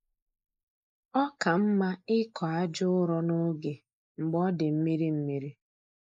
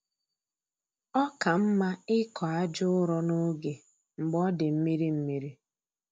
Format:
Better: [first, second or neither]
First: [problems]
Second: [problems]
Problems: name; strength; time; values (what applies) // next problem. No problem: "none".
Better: second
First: noise reduction (neural mask model Resemble Enhance denoiser)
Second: none